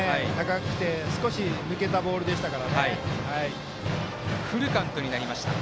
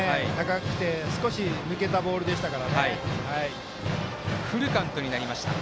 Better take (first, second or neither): second